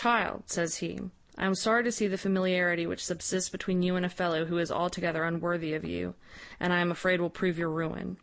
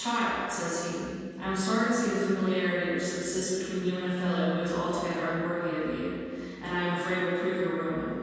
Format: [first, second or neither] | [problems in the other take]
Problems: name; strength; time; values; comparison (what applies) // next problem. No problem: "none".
first | room echo; dies away in 2.1 s